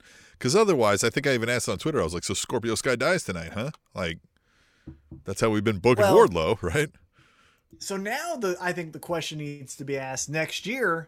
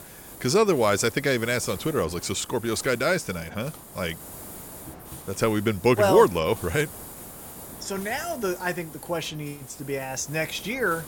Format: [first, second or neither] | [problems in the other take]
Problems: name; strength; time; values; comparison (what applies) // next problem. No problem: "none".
first | hiss; noticeable; throughout; 15 dB below the speech